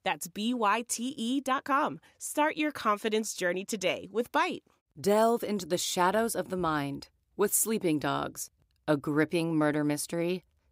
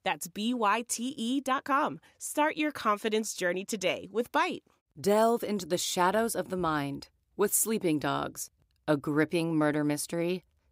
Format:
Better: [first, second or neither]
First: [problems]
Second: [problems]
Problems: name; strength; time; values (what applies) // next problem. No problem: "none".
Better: neither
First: none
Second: none